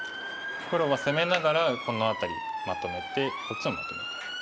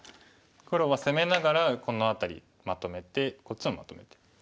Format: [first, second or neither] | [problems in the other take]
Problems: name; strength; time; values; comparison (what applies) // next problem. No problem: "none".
second | background sound (Motor vehicle (road) / Siren); 6 dB below the speech